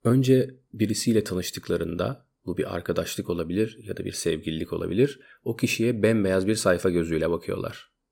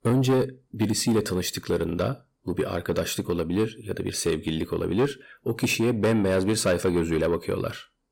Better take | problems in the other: first | distortion; slight; 10 dB below the speech

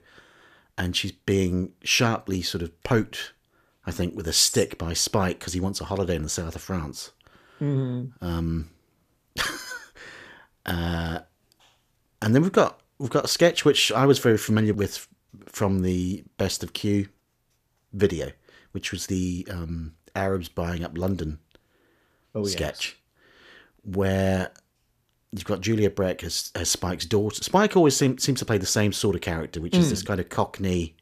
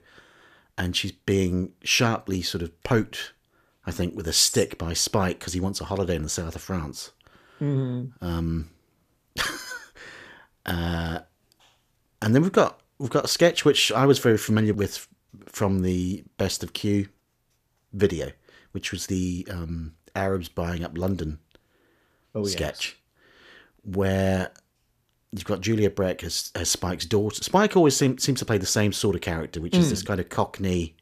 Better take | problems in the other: neither | none

